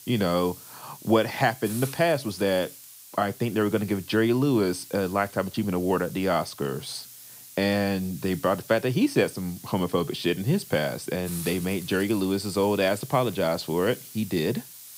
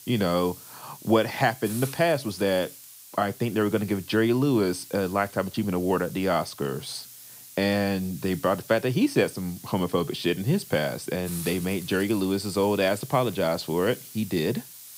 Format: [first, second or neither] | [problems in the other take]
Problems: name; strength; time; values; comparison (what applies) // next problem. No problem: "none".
neither | hiss; noticeable; throughout; 15 dB below the speech; the same in both